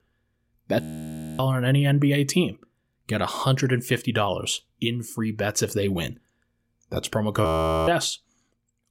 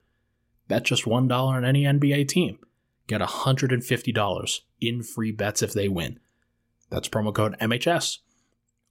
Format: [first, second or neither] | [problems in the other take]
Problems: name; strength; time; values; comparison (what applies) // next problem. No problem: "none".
second | audio freezing; at 1 s for 0.5 s and at 7.5 s